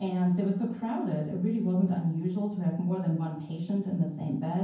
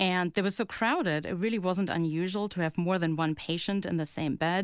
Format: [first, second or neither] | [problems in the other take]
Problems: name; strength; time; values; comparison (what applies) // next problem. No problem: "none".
second | room echo; dies away in 0.9 s